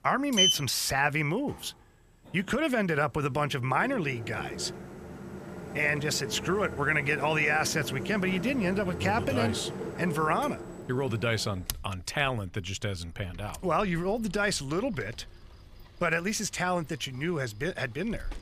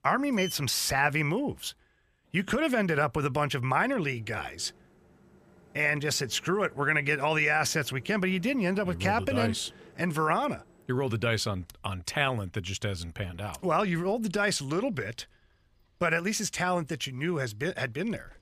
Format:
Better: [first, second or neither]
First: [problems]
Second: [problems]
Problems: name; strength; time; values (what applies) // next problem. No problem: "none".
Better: second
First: household noises; loud; throughout; 5 dB below the speech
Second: household noises; faint; throughout; 20 dB below the speech